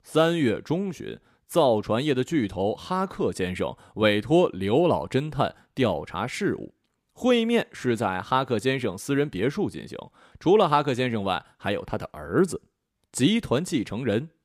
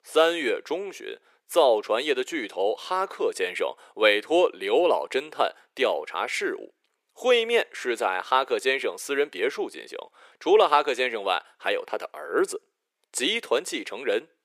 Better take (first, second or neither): first